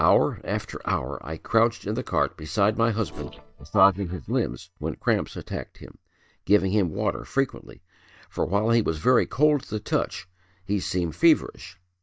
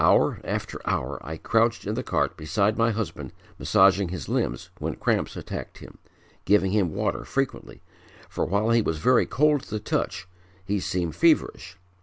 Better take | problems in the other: second | noise reduction (neural mask model DeepFilterNet 3)

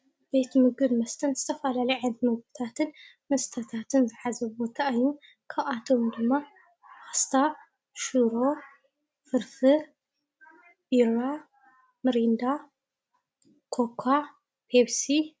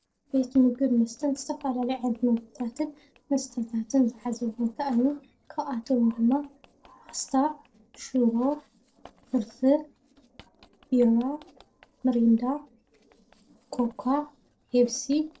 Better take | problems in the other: first | noise reduction (neural separator model SepFormer DNS4)

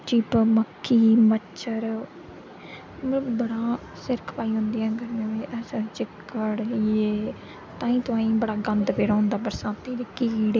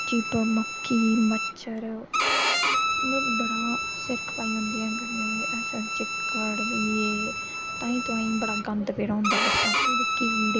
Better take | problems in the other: first | background sound (Bowed string instrument); 1 dB above the speech

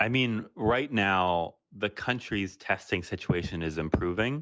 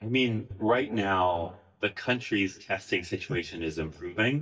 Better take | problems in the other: first | noise reduction (neural mask model DeepFilterNet 3)

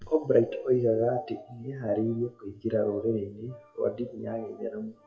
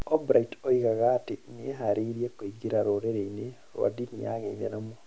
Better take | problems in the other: second | noise reduction (classical method WPE with log-MMSE)

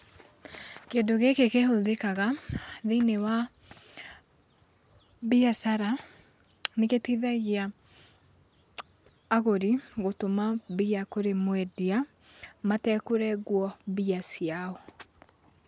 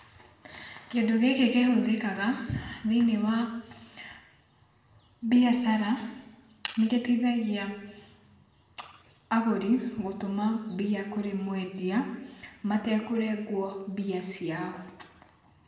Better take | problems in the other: first | room echo; dies away in 0.9 s

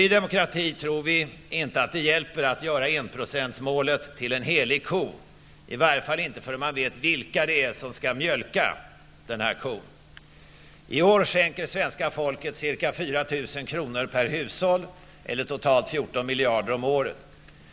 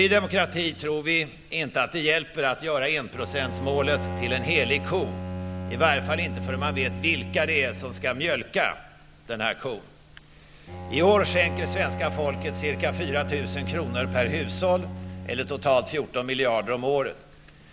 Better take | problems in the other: first | background sound (Bowed string instrument); 8 dB below the speech

